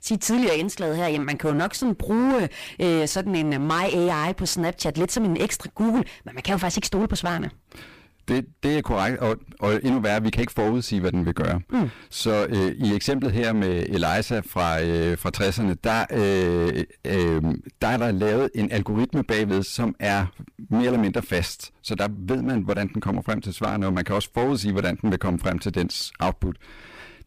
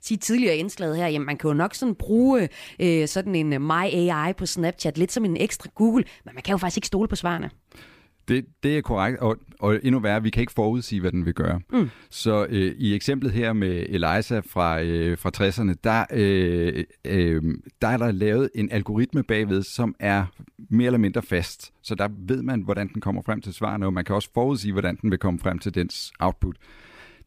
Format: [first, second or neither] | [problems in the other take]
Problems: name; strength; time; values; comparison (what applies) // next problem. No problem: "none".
second | distortion; heavy; 18% of the sound clipped